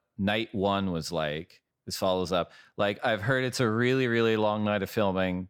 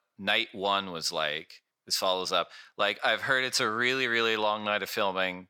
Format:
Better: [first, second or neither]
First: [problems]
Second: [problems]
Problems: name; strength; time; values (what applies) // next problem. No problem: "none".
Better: first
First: none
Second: thin; somewhat; fading below 1 kHz